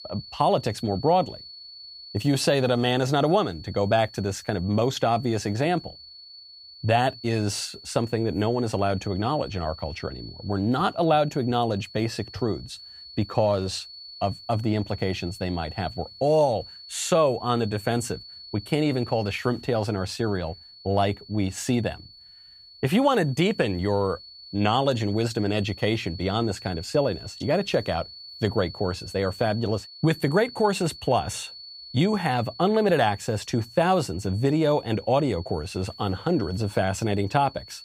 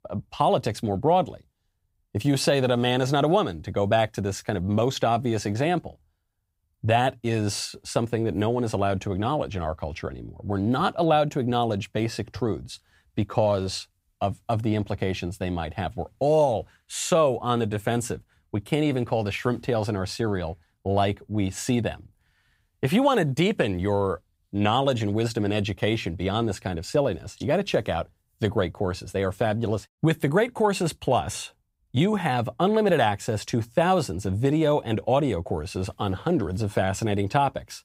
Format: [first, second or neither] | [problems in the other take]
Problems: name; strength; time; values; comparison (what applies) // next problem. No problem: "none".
second | high-pitched whine; noticeable; throughout; 4.5 kHz, 15 dB below the speech